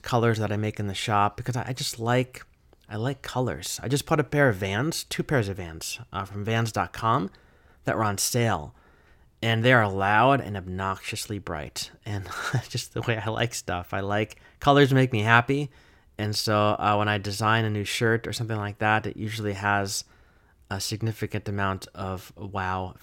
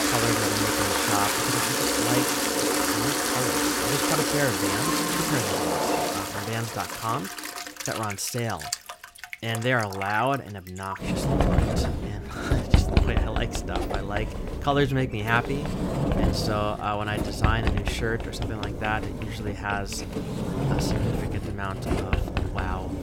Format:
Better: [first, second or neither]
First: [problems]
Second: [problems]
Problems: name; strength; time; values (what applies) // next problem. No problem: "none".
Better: first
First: none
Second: household noises; very loud; throughout; 4 dB above the speech